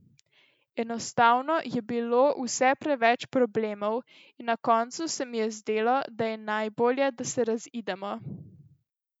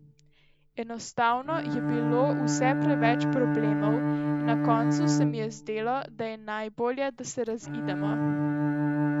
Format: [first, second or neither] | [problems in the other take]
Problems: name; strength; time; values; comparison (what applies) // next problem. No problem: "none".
first | background sound (Bowed string instrument); 3 dB above the speech